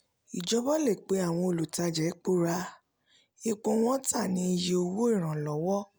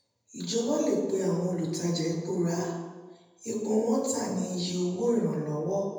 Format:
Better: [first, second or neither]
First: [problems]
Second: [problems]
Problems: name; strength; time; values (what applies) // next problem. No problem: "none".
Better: first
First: none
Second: room echo; dies away in 1.1 s